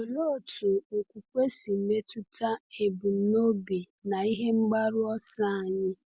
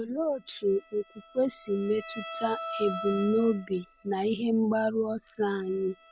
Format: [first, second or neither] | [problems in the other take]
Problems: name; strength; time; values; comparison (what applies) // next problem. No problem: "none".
first | background sound (Bowed string instrument); 13 dB below the speech